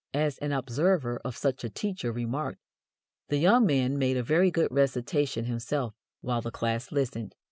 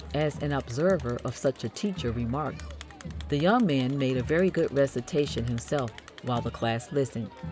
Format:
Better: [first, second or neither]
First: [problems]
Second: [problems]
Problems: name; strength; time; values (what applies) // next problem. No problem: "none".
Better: first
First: none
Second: background sound (Crowd); 13 dB below the speech